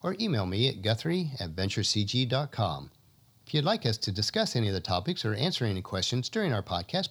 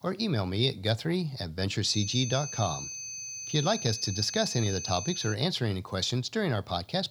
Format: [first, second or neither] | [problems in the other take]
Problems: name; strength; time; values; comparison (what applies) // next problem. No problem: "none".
first | high-pitched whine; loud; from 2 to 5.5 s; 6 kHz, 7 dB below the speech